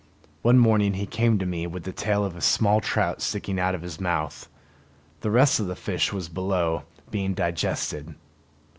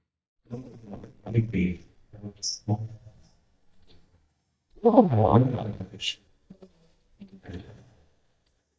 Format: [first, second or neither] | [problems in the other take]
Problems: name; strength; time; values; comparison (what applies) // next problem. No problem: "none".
first | noise reduction (neural mask model DeepFilterNet 3)